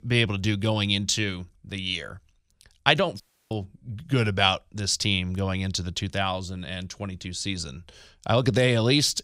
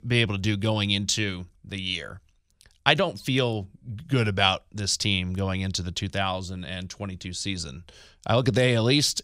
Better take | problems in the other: second | audio cutting out; at 3 s

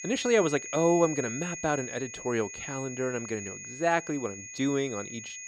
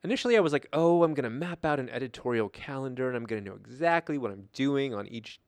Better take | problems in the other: second | high-pitched whine; loud; throughout; 6.5 kHz, 9 dB below the speech

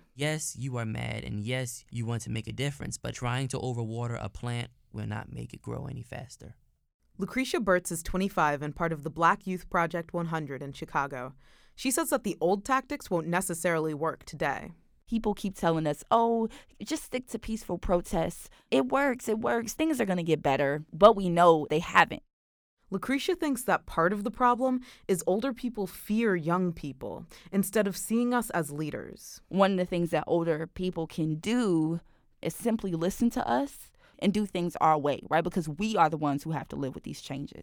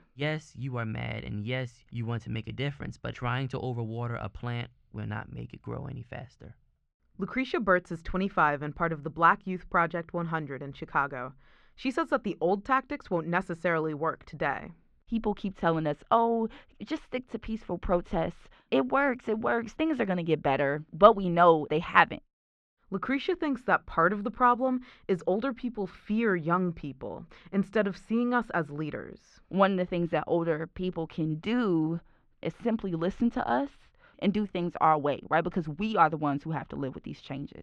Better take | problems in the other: first | muffled; slightly; fading above 3.5 kHz

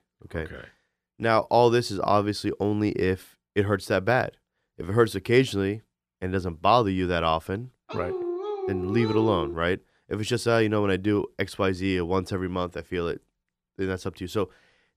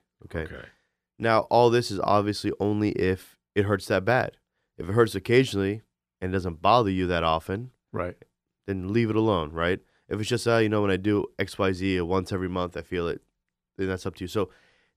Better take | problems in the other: second | dog barking; noticeable; from 8 to 9.5 s; peak 5 dB below the speech

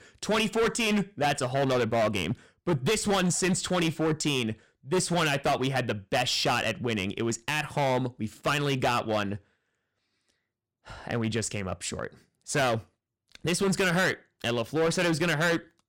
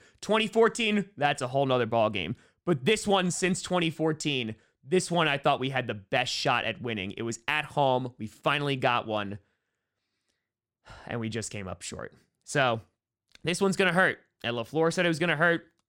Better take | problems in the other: second | distortion; heavy; 12% of the sound clipped

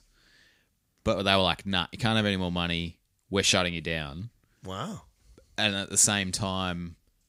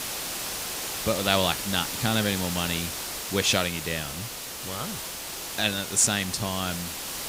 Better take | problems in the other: first | hiss; loud; throughout; 5 dB below the speech

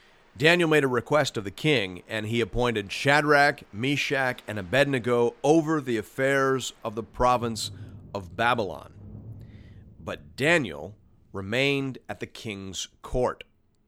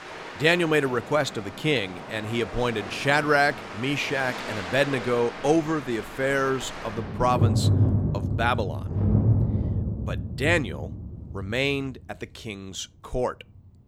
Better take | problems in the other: first | rain or running water; loud; throughout; 4 dB below the speech; faint in the first

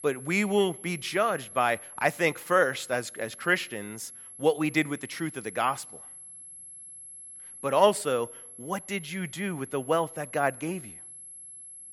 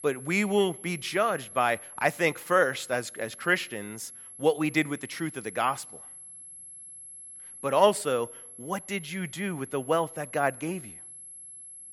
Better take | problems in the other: neither | high-pitched whine; noticeable; throughout; 11 kHz, 15 dB below the speech; the same in both

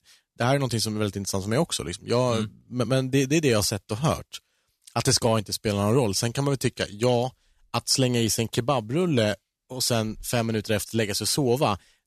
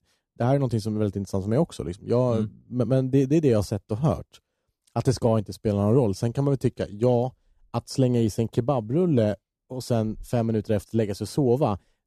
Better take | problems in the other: first | muffled; slightly; fading above 1 kHz

